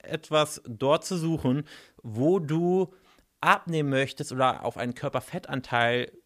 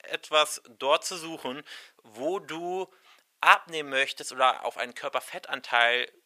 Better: first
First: none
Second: thin; very; fading below 700 Hz

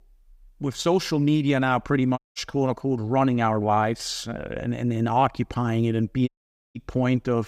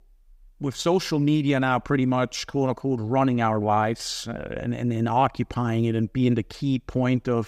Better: second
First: audio cutting out; at 2 s and at 6.5 s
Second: none

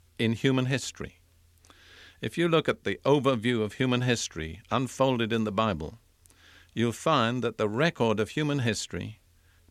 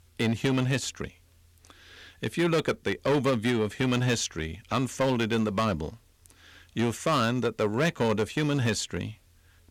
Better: first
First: none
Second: distortion; slight; 7% of the sound clipped

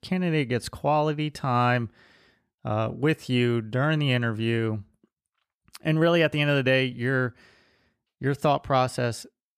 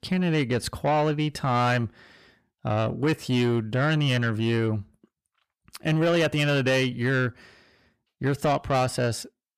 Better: first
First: none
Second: distortion; slight; 10 dB below the speech

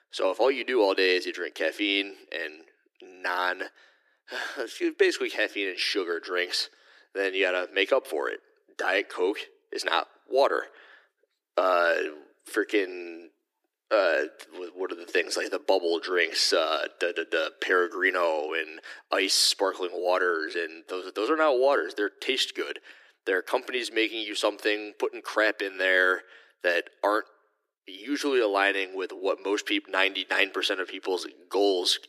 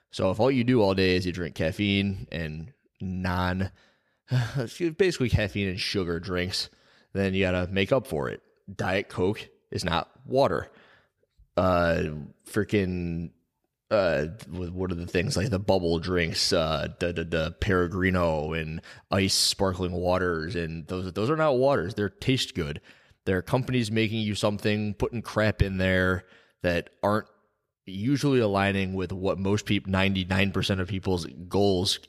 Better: second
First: thin; very; fading below 300 Hz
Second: none

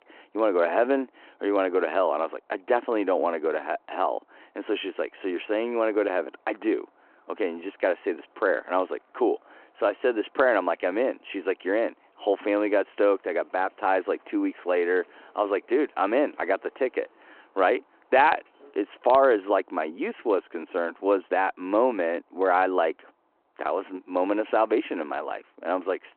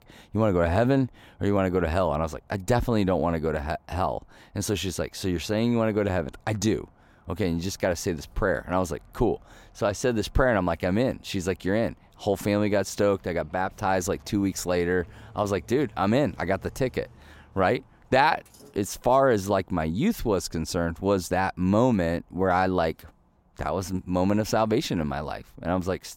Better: second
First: phone-call audio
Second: none

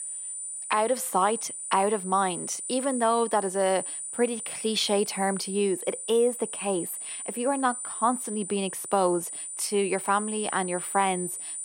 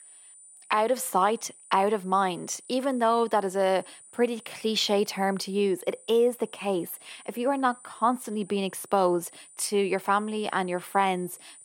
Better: second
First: high-pitched whine; loud; throughout; 9 kHz, 6 dB below the speech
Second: high-pitched whine; faint; throughout; 9 kHz, 20 dB below the speech

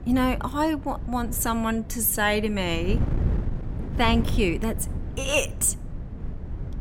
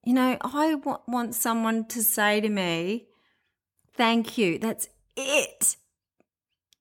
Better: second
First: wind noise on the microphone; occasional gusts; 15 dB below the speech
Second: none

